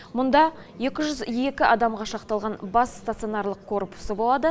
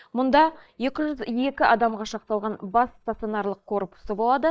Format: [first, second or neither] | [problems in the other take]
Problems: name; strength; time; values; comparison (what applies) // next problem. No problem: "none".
first | noise reduction (neural mask model DeepFilterNet 3)